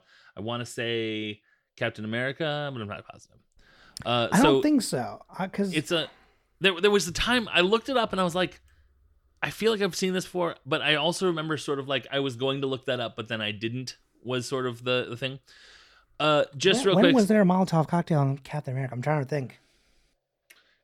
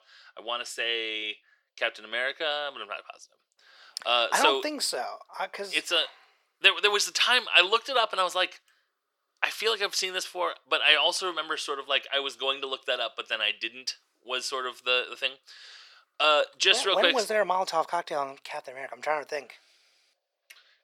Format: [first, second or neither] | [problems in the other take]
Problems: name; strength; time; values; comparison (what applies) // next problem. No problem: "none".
first | thin; very; fading below 550 Hz